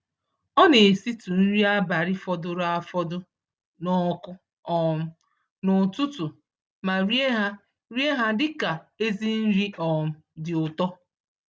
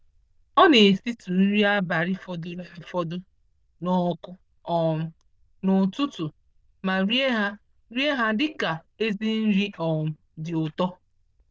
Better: first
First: none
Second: noise reduction (neural diffusion model UNIVERSE++)

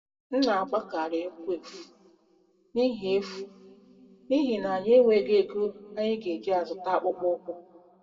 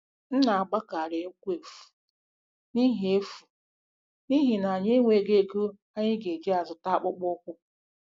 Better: second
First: room echo; dies away in 1.5 s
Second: none

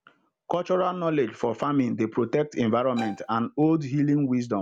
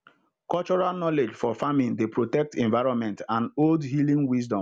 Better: second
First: background sound (Bowed string instrument); 12 dB below the speech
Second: none

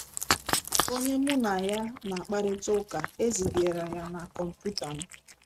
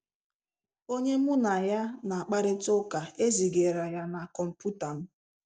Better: second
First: noise reduction (neural mask model RNNoise)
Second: none

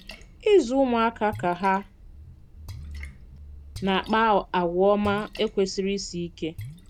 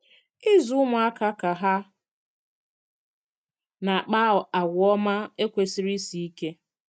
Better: second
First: background sound (Splash, splatter); 17 dB below the speech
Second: none

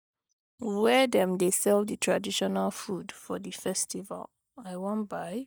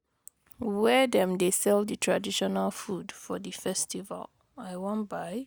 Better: second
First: noise reduction (neural mask model DeepFilterNet 3)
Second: none

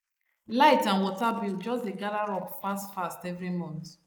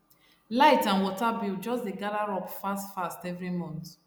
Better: second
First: noise reduction (neural mask model Resemble Enhance denoiser)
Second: none

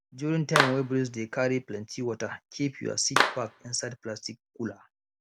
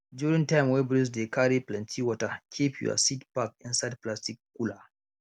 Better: second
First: background sound (Clapping); 1 dB above the speech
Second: none

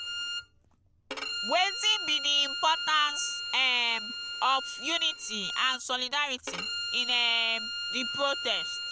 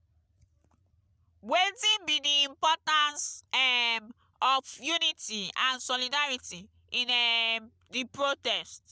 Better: second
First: background sound (Bowed string instrument); 5 dB below the speech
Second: none

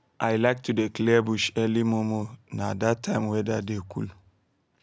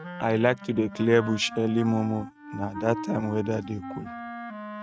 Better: first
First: none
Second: noise reduction (neural mask model RNNoise)

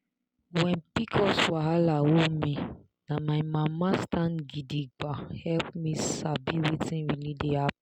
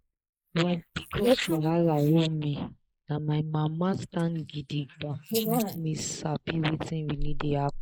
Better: first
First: none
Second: noise reduction (neural mask model Resemble Enhance denoiser)

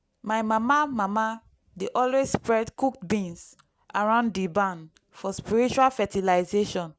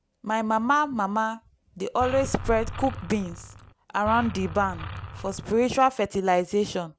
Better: first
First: none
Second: background sound (Bird + Engine); 10 dB below the speech

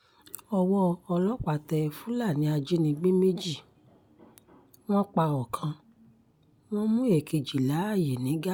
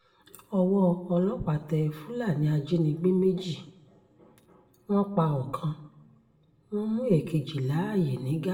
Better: first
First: none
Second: room echo; dies away in 0.7 s

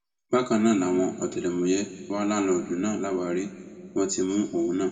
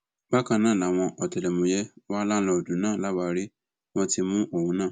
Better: second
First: room echo; dies away in 1.8 s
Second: none

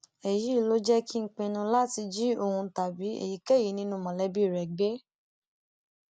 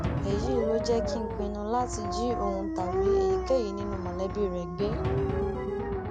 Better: first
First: none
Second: background sound (Dog + Drum); 2 dB above the speech

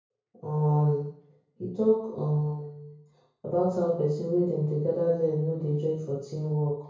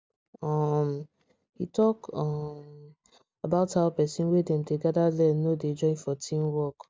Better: second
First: room echo; dies away in 0.6 s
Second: none

